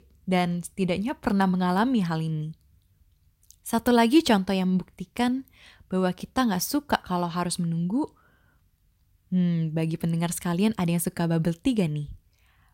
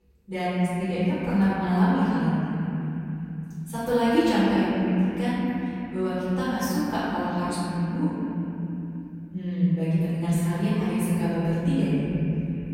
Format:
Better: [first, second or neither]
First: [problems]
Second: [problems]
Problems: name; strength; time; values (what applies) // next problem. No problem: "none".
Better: first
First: none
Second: off-mic speech; far // room echo; strong; dies away in 3 s